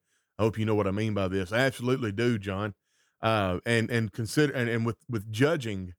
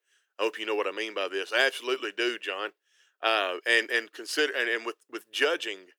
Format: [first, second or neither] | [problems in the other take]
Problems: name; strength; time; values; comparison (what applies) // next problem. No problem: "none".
first | thin; very; fading below 350 Hz